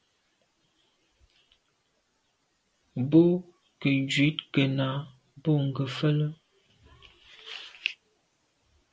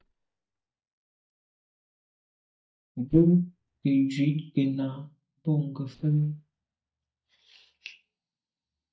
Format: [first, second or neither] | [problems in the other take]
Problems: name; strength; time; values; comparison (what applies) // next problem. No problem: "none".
first | noise reduction (neural mask model DeepFilterNet 3)